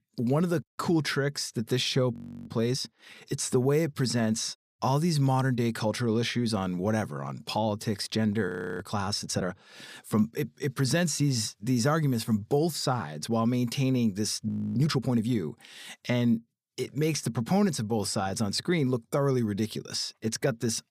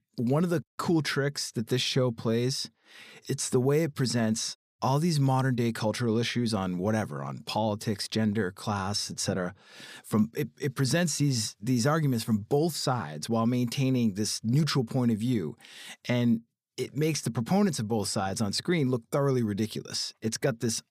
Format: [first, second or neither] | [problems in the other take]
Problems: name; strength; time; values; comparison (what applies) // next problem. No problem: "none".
second | audio freezing; at 2 s, at 8.5 s and at 14 s